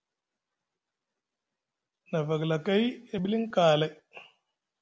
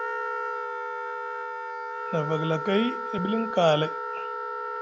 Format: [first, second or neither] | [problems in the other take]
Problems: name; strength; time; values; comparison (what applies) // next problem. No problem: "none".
first | background sound (Wind instrument, woodwind instrument); 3 dB below the speech